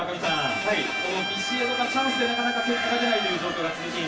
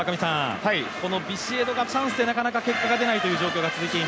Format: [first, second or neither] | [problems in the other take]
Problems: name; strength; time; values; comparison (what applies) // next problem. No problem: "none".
second | background sound (Bowed string instrument); 3 dB below the speech // room echo; dies away in 0.3 s